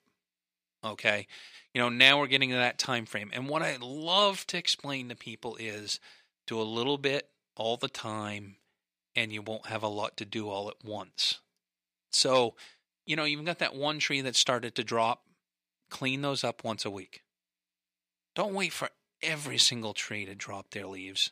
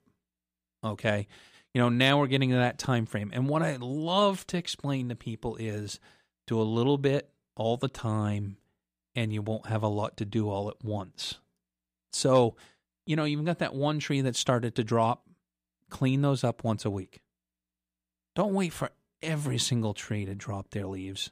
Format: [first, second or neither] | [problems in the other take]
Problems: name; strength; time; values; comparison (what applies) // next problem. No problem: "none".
second | thin; somewhat; fading below 1 kHz